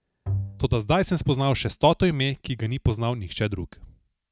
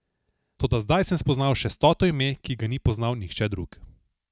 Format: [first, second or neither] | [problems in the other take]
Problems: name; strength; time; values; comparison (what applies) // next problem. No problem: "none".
second | background sound (Bowed string instrument); 8 dB below the speech